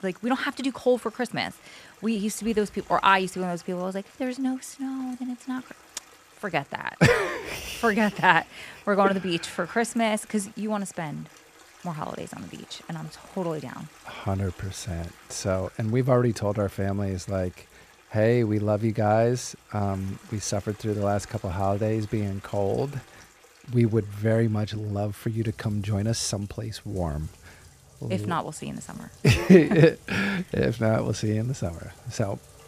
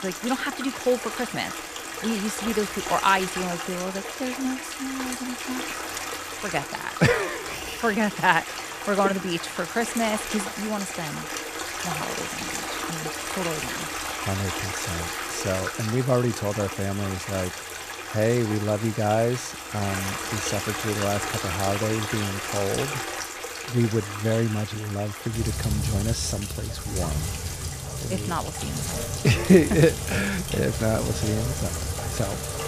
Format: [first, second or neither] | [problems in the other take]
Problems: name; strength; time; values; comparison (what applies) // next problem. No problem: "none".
first | rain or running water; loud; throughout; 4 dB below the speech; faint in the first